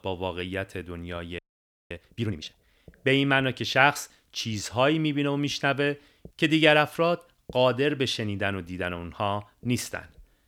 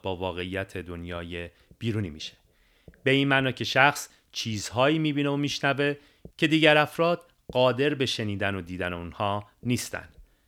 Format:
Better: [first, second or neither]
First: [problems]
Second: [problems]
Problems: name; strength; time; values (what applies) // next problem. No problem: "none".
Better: second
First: audio freezing; at 1.5 s for 0.5 s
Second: none